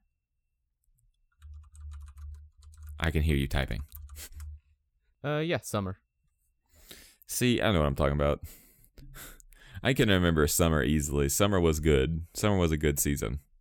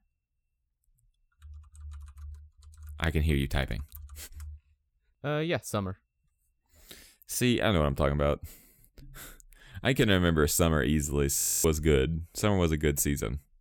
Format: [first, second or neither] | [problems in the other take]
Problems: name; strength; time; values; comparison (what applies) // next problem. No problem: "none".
first | audio freezing; at 11 s